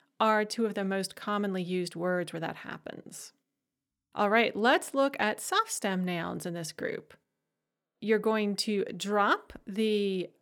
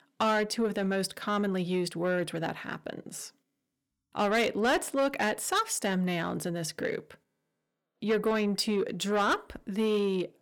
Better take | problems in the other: first | distortion; slight; 10 dB below the speech

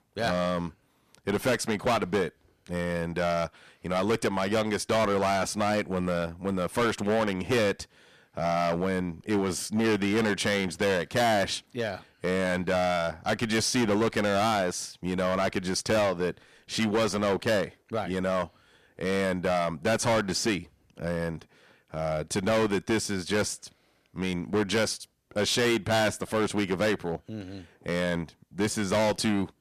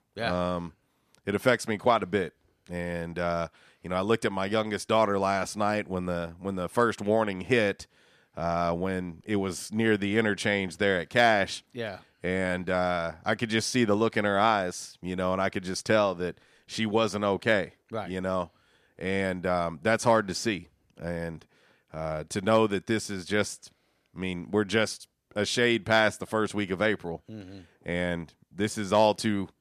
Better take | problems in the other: second | distortion; heavy; 11% of the sound clipped

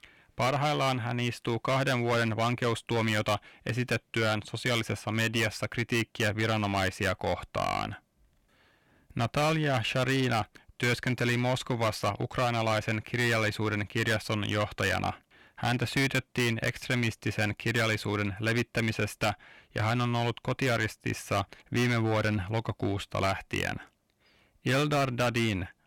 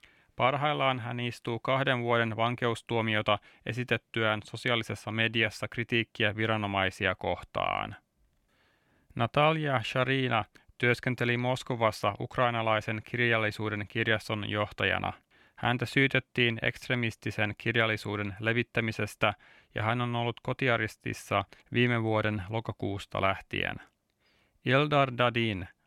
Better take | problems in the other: second | distortion; heavy; 12% of the sound clipped

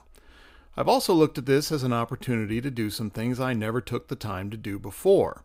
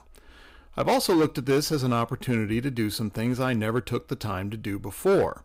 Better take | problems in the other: first | distortion; slight; 5% of the sound clipped

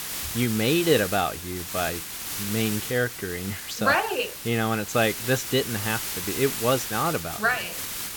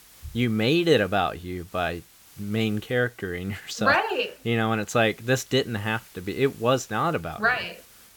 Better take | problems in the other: second | hiss; loud; throughout; 5 dB below the speech; faint in the second

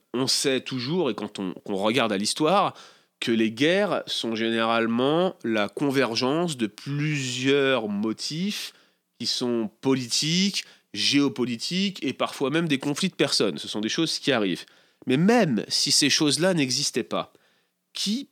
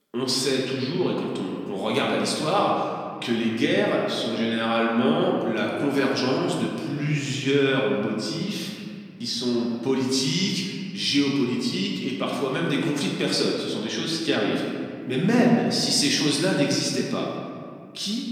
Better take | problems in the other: first | room echo; noticeable; dies away in 1.9 s // off-mic speech; far

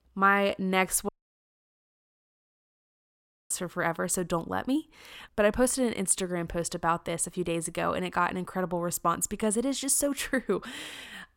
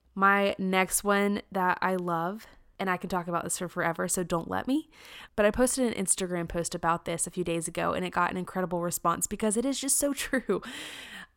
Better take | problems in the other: second | audio cutting out; at 1 s for 2.5 s

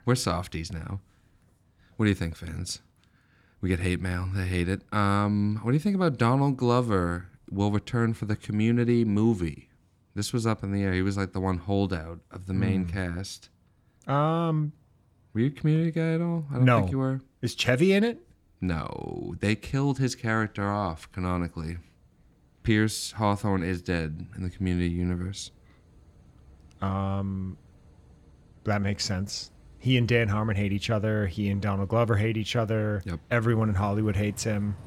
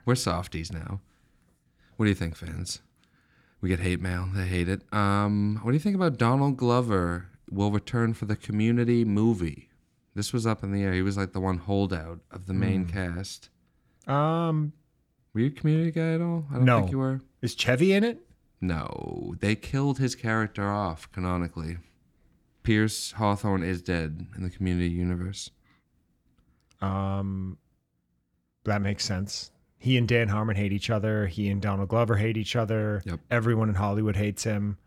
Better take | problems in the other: second | traffic noise; faint; throughout; 30 dB below the speech

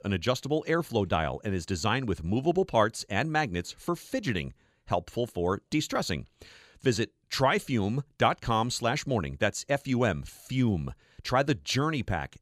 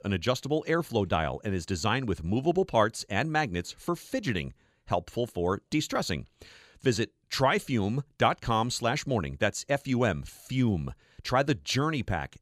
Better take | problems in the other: neither | none

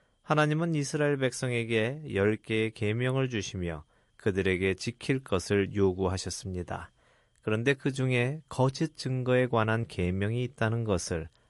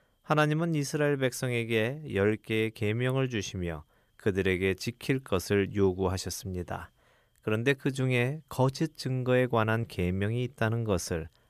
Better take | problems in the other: second | garbled, watery; slightly; nothing above 11 kHz

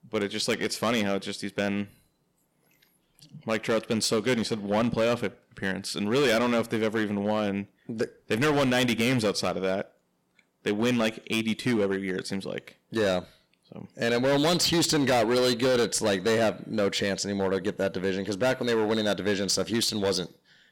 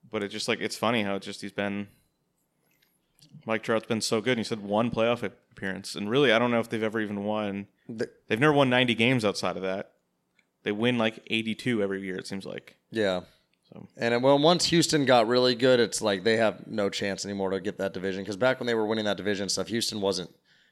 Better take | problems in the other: second | distortion; heavy; 10% of the sound clipped

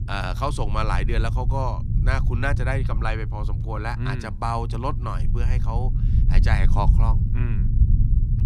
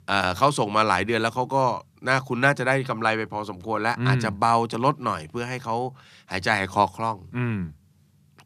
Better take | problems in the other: second | low rumble; noticeable; throughout; 10 dB below the speech

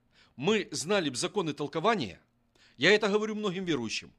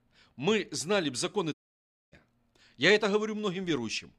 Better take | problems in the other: first | audio cutting out; at 1.5 s for 0.5 s

